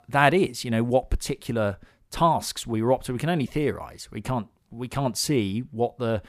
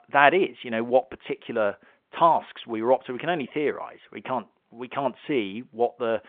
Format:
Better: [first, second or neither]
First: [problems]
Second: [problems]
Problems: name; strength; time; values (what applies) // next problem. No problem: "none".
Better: first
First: none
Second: phone-call audio; nothing above 3.5 kHz